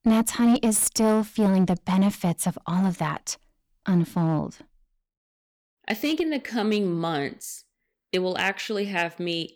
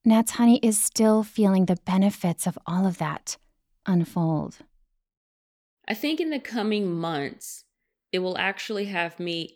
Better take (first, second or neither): second